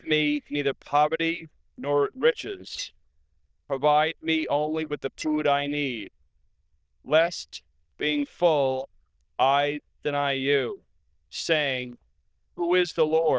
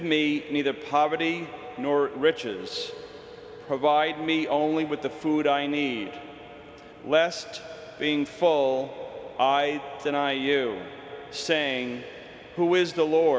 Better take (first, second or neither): second